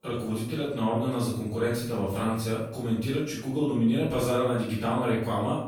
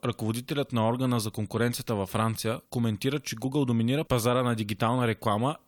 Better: second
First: off-mic speech; far // room echo; noticeable; dies away in 0.6 s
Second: none

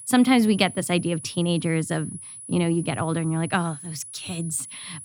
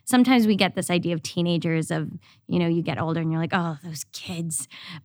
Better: second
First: high-pitched whine; noticeable; throughout; 10 kHz, 15 dB below the speech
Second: none

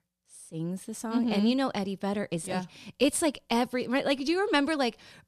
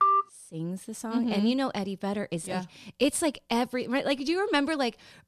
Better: first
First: none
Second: phone ringing; loud; at the start; peak 5 dB above the speech

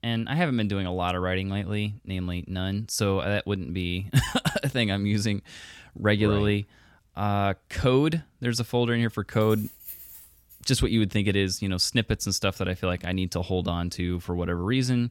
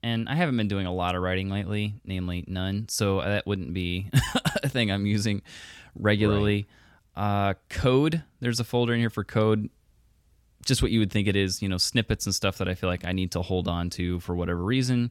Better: second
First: jangling keys; faint; from 9.5 to 11 s; peak 15 dB below the speech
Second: none

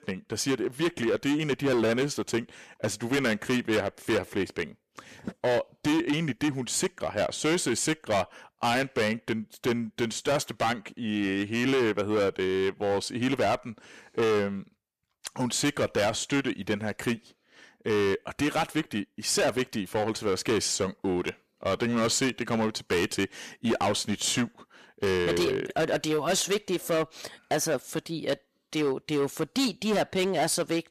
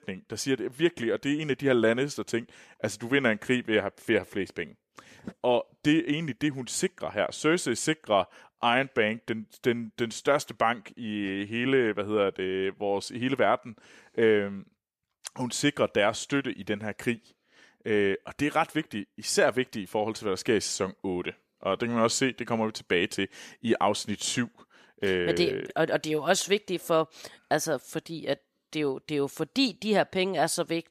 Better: second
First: distortion; heavy; 13% of the sound clipped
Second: none

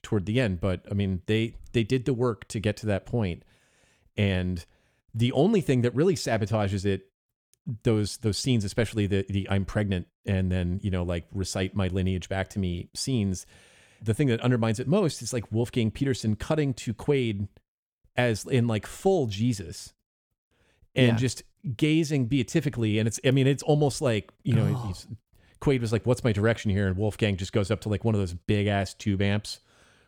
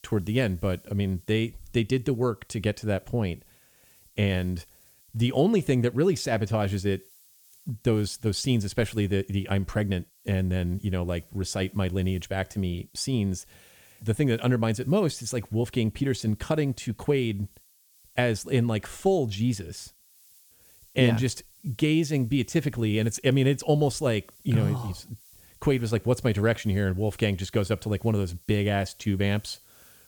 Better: first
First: none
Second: hiss; faint; throughout; 25 dB below the speech

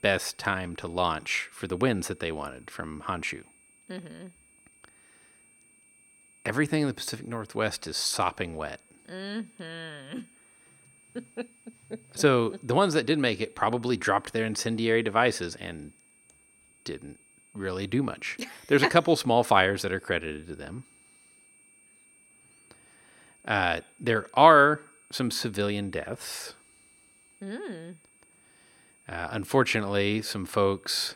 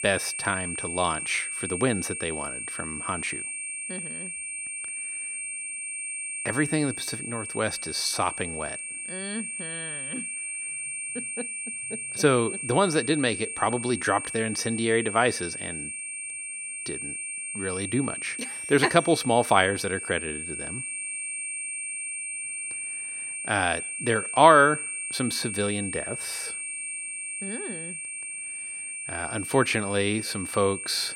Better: first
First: high-pitched whine; faint; throughout; 8.5 kHz, 30 dB below the speech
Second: high-pitched whine; loud; throughout; 8.5 kHz, 6 dB below the speech

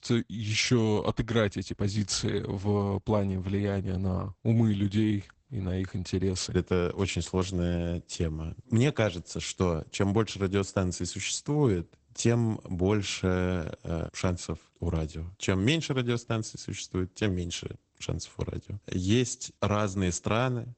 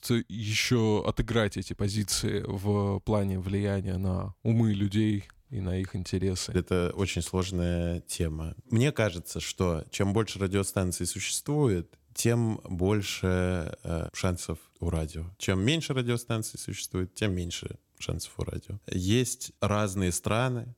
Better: second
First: garbled, watery; badly; nothing above 8 kHz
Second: none

